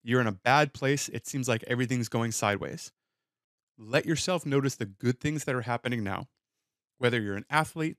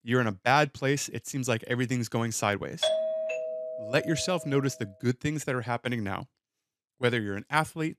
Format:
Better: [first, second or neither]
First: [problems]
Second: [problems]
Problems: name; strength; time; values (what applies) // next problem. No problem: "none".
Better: first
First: none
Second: doorbell; loud; from 3 to 4.5 s; peak 2 dB above the speech